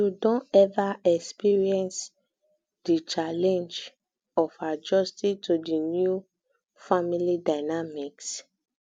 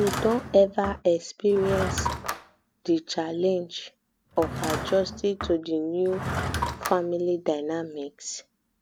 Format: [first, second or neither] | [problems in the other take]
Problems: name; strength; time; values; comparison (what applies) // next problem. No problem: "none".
first | background sound (Drawer open or close / Wood); 8 dB below the speech